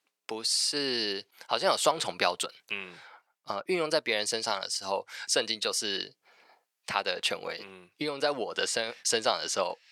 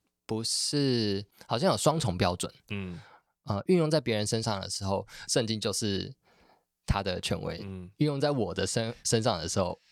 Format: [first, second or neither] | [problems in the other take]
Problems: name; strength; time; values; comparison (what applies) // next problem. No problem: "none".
second | thin; somewhat; fading below 450 Hz